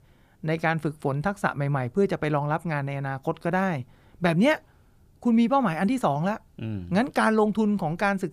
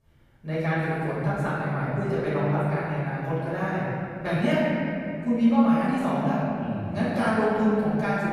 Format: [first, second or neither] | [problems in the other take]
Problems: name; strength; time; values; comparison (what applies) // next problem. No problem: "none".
first | off-mic speech; far // room echo; strong; dies away in 2.7 s